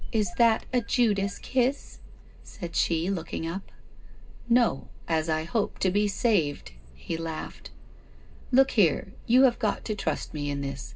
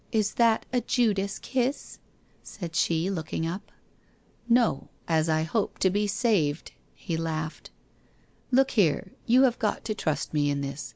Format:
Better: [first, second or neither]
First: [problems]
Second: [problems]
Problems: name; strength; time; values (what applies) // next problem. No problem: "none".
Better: second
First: background sound (Engine starting / Car); 11 dB below the speech // room echo; dies away in 0.2 s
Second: none